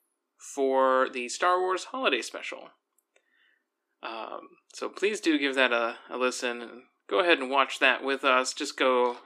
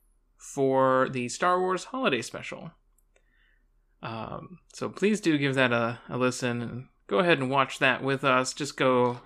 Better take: second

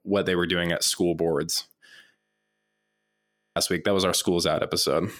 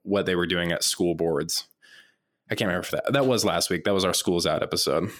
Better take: second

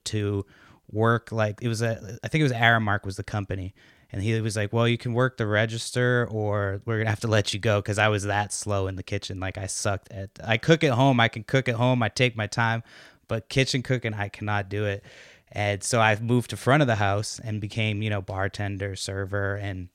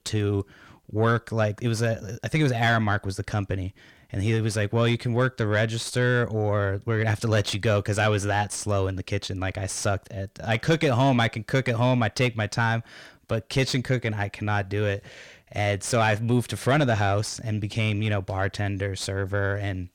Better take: first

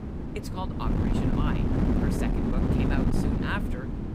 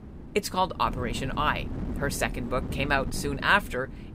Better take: second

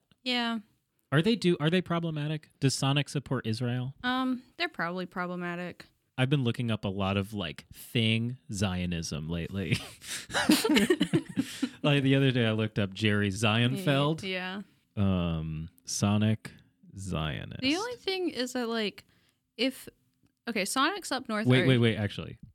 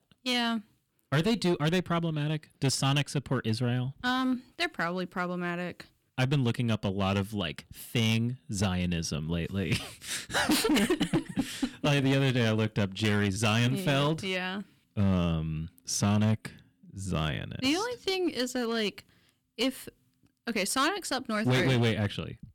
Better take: first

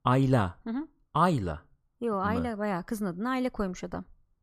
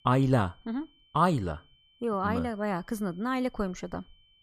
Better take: first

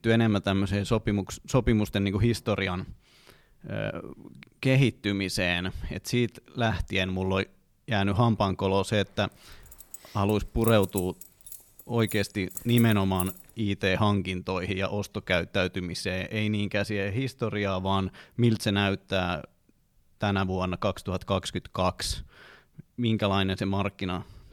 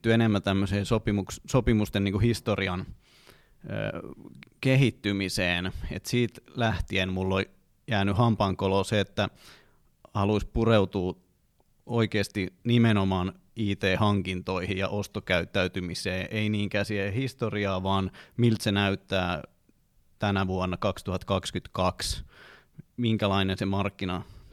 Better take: second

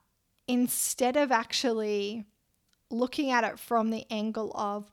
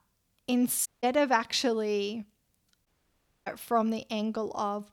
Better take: first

